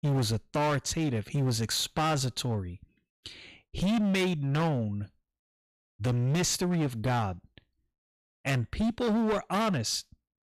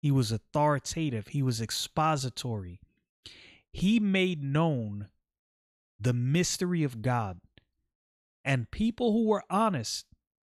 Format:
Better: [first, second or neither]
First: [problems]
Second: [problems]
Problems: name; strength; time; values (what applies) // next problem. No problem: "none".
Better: second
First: distortion; heavy; 17% of the sound clipped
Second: none